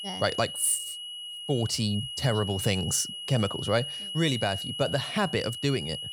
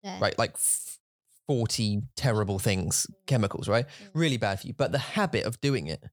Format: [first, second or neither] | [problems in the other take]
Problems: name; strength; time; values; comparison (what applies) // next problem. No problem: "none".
second | high-pitched whine; loud; throughout; 3 kHz, 6 dB below the speech